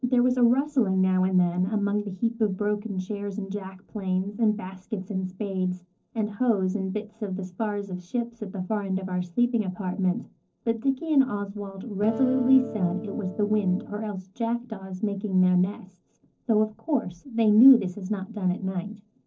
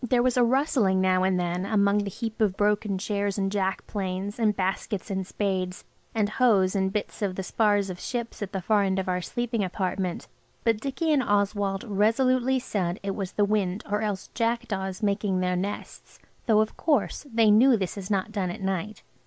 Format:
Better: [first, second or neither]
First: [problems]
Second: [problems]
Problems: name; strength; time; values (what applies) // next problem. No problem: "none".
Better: second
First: noise reduction (neural separator model SepFormer DNS4)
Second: none